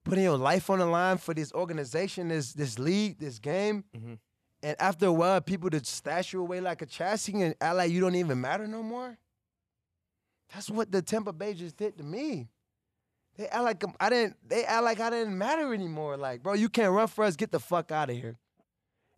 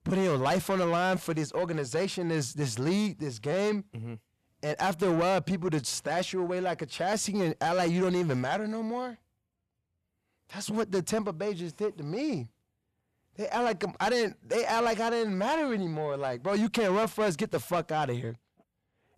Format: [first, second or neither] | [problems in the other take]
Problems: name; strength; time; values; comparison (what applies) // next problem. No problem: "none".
first | distortion; slight; 10 dB below the speech